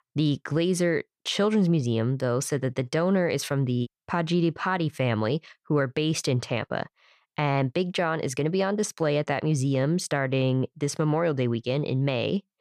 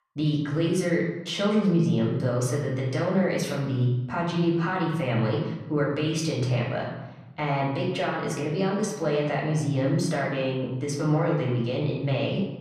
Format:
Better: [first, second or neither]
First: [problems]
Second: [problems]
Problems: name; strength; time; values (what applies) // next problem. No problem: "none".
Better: first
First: none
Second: room echo; noticeable; dies away in 1 s // off-mic speech; far